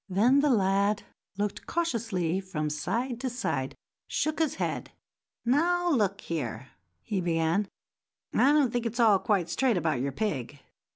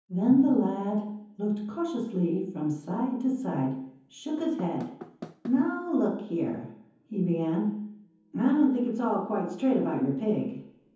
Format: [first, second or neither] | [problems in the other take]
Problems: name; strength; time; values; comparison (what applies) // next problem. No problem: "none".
first | background sound (Knock / Wood); 15 dB below the speech // room echo; dies away in 0.7 s